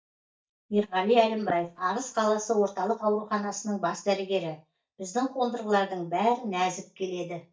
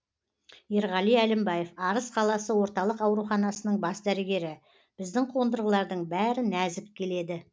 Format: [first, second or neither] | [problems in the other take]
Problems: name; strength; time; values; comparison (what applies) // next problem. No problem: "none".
second | noise reduction (neural mask model DeepFilterNet 3)